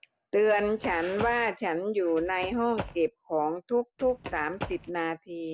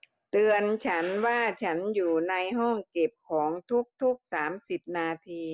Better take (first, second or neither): second